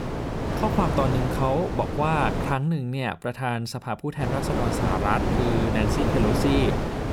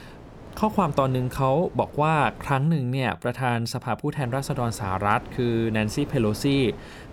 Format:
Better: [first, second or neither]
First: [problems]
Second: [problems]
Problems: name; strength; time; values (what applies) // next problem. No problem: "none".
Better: second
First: wind noise on the microphone; heavy; until 2.5 s and from 4 s on; 1 dB below the speech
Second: wind noise on the microphone; occasional gusts; until 2.5 s and from 4 s on; 20 dB below the speech